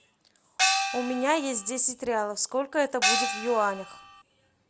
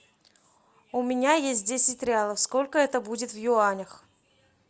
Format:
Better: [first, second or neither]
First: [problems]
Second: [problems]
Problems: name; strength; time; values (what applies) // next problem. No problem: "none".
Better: second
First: background sound (Gong); 1 dB above the speech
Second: none